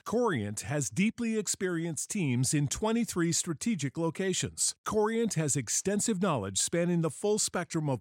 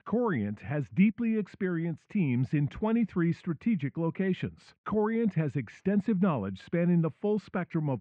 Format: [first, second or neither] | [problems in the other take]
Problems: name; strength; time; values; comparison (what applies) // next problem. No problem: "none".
first | muffled; very; fading above 2.5 kHz